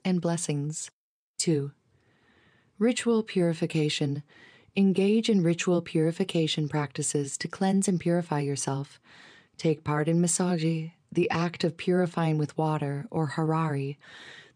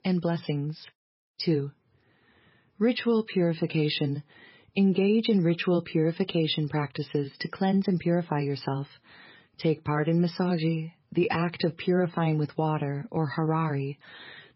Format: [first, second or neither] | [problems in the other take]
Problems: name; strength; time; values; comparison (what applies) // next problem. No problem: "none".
first | garbled, watery; badly; nothing above 5.5 kHz